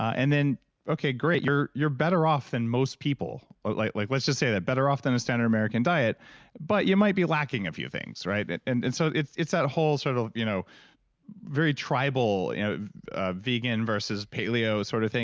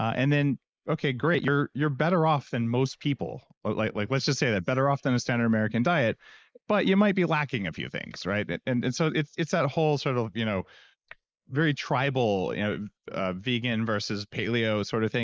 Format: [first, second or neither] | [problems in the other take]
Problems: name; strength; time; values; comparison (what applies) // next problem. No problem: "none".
first | noise reduction (neural mask model Resemble Enhance denoiser)